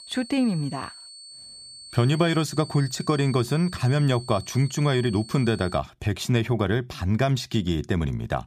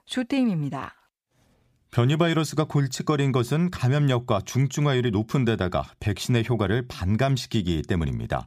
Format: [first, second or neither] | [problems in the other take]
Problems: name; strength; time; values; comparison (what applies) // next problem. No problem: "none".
second | high-pitched whine; noticeable; until 6 s; 4.5 kHz, 15 dB below the speech